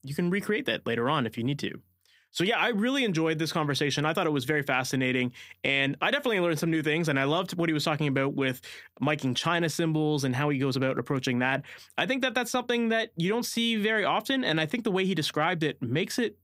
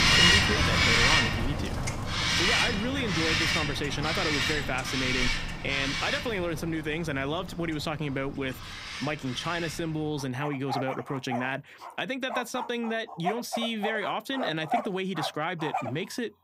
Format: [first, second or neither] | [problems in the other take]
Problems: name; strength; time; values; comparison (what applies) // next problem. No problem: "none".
first | animal sounds; very loud; throughout; 5 dB above the speech